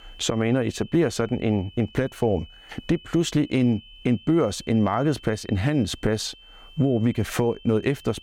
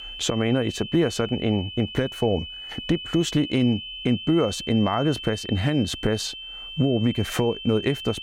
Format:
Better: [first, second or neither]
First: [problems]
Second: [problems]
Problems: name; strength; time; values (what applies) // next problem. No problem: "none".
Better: first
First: high-pitched whine; faint; throughout; 3 kHz, 25 dB below the speech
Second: high-pitched whine; loud; throughout; 3 kHz, 10 dB below the speech